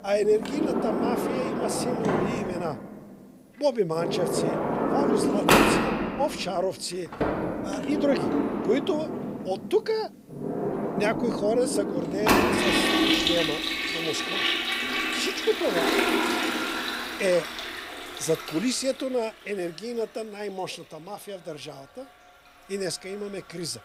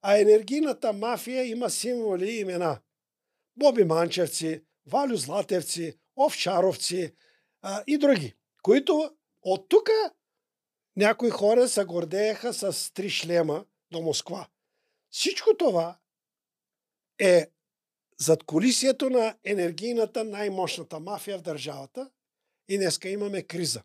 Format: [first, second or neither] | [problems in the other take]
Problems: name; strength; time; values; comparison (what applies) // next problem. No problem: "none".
second | household noises; very loud; throughout; 3 dB above the speech